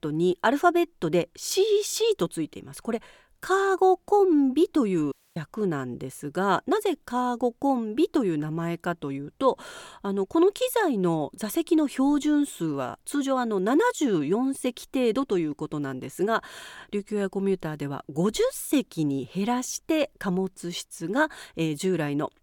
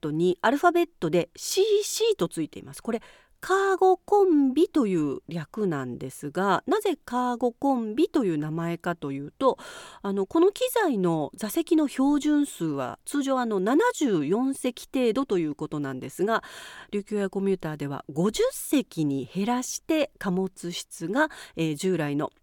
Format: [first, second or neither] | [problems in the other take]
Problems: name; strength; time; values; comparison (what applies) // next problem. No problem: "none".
second | audio cutting out; at 5 s